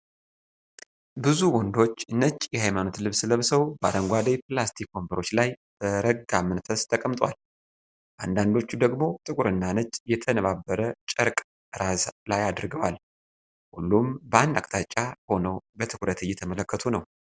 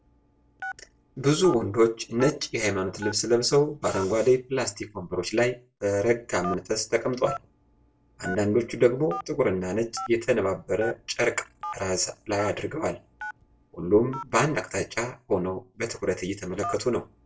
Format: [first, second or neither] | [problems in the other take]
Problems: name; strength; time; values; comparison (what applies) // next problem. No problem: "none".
first | background sound (Telephone); 15 dB below the speech // room echo; dies away in 0.2 s